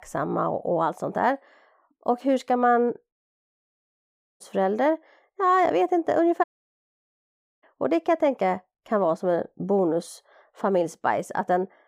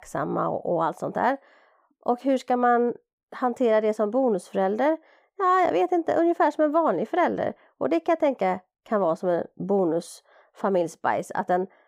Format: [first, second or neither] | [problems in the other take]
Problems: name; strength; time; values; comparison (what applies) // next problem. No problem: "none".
second | audio cutting out; at 3 s for 1.5 s and at 6.5 s for 1 s